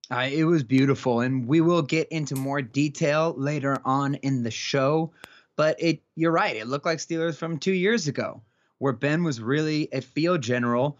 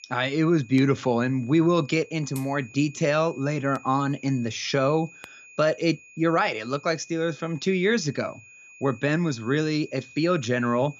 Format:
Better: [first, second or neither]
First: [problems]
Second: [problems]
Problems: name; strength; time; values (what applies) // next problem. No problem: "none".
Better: first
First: none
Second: high-pitched whine; faint; throughout; 2.5 kHz, 20 dB below the speech